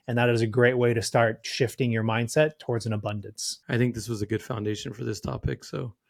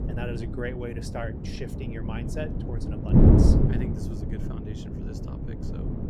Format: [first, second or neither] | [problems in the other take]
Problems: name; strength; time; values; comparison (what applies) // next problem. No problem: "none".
first | wind noise on the microphone; heavy; 5 dB above the speech